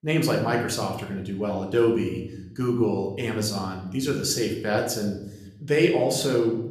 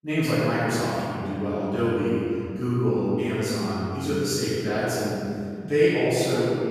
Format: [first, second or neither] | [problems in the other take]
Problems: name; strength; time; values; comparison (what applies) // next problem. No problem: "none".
first | room echo; strong; dies away in 2.4 s; slight in the first // off-mic speech; far; somewhat distant in the first